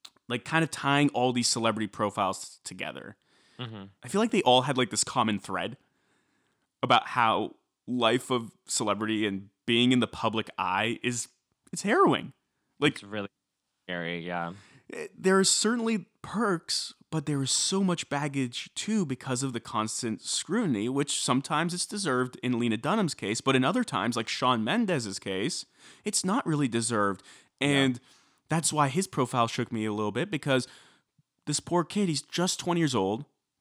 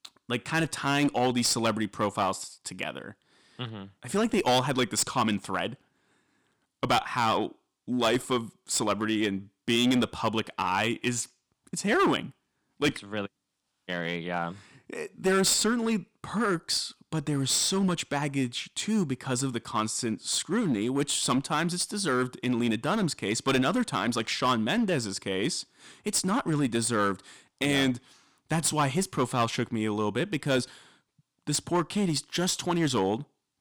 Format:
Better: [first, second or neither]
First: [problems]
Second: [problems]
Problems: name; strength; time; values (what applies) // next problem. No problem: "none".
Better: first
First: none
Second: distortion; slight; 6% of the sound clipped